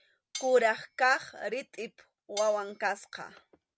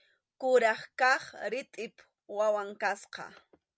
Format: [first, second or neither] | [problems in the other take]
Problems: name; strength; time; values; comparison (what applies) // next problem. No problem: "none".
second | background sound (Cutlery, silverware); 17 dB below the speech